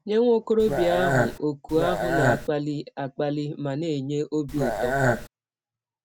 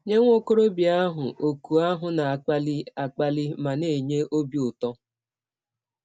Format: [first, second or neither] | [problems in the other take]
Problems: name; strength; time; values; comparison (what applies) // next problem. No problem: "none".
second | background sound (Burping, eructation); 2 dB above the speech